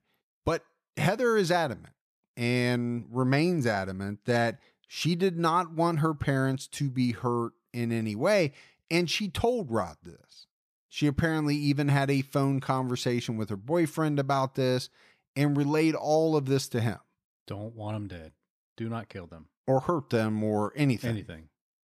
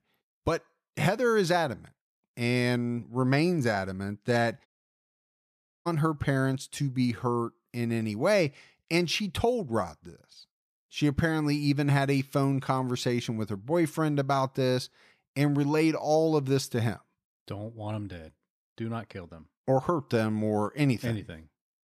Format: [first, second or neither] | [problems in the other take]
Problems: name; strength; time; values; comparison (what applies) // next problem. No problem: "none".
first | audio cutting out; at 4.5 s for 1 s